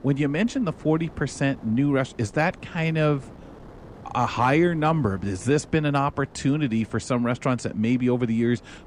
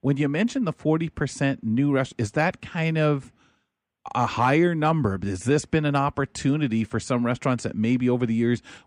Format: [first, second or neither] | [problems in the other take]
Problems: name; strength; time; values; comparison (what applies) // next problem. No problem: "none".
second | wind noise on the microphone; occasional gusts; 25 dB below the speech